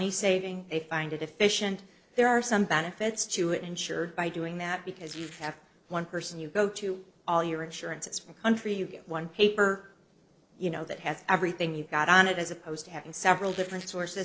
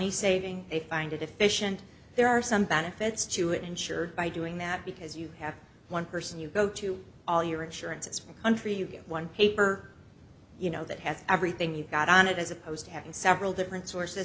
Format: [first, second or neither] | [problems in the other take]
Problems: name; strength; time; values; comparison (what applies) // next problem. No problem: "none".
second | noise reduction (neural separator model SepFormer DNS4)